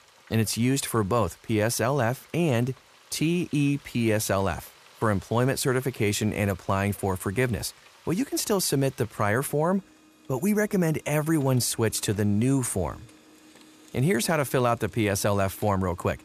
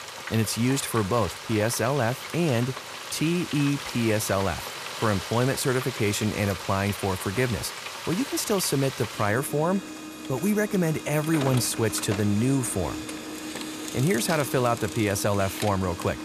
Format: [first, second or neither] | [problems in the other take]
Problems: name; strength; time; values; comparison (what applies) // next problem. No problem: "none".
first | household noises; loud; throughout; 9 dB below the speech; faint in the first